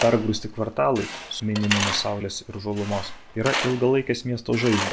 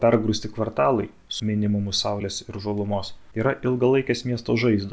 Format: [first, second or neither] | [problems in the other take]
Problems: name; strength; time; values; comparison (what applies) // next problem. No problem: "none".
second | background sound (Tools); 7 dB below the speech